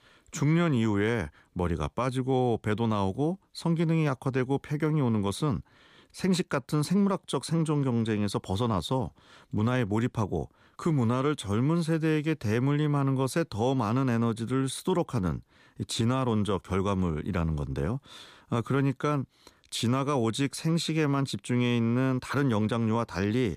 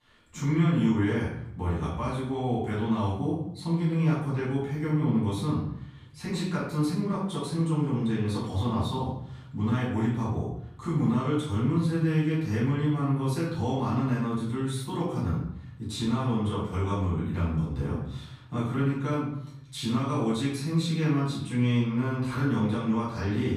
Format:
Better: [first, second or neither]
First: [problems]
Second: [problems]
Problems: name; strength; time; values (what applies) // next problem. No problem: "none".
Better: first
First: none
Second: room echo; noticeable; dies away in 0.7 s // off-mic speech; far